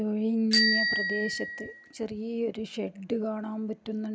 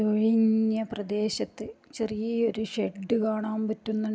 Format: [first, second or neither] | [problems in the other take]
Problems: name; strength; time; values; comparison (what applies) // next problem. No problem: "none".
second | background sound (Bicycle bell); as loud as the speech